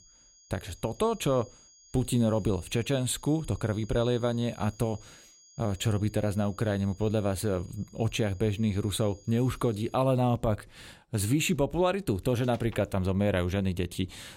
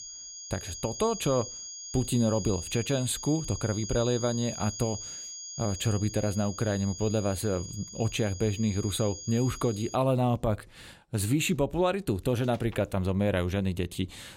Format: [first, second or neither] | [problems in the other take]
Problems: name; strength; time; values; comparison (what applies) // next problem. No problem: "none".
first | high-pitched whine; loud; until 10 s; 6.5 kHz, 10 dB below the speech; faint in the first